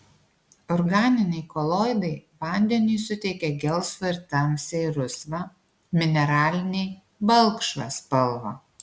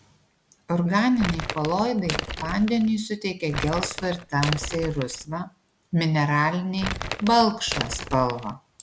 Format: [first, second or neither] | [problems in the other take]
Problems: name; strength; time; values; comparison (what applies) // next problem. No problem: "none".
first | background sound (Crumpling, crinkling); 7 dB below the speech